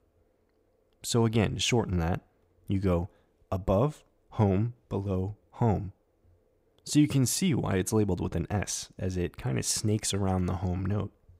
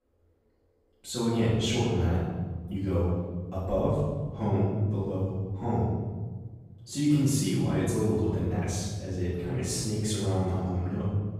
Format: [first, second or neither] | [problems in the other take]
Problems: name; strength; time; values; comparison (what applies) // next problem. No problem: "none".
first | off-mic speech; far // room echo; strong; dies away in 1.4 s